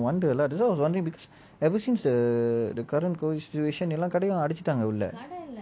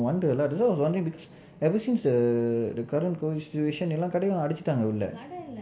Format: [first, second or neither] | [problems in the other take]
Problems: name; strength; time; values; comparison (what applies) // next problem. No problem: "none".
first | room echo; dies away in 2.8 s